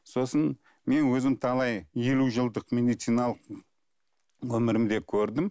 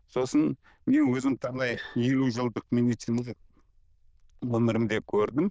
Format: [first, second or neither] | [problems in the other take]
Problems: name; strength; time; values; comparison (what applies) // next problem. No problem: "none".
first | noise reduction (neural diffusion model UNIVERSE++)